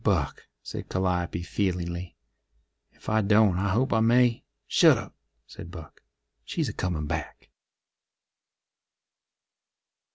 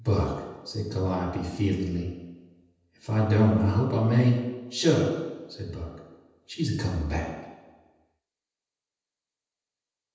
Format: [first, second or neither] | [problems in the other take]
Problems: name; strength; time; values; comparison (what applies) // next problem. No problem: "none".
first | room echo; dies away in 1.1 s